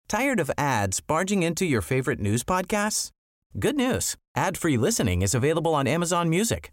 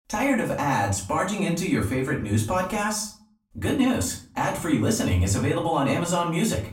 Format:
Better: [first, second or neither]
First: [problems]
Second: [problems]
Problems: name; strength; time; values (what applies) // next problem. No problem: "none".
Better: first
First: none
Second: off-mic speech; far // room echo; slight; dies away in 0.4 s